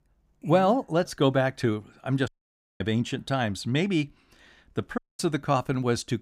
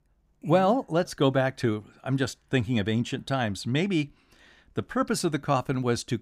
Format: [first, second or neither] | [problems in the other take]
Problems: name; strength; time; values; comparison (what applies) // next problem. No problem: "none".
second | audio cutting out; at 2.5 s for 0.5 s and at 5 s